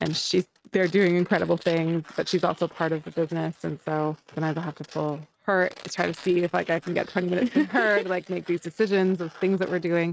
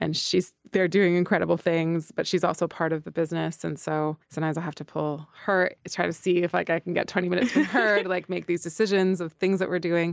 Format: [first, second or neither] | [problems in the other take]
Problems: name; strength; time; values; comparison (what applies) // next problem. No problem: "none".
second | noise reduction (neural mask model RNNoise)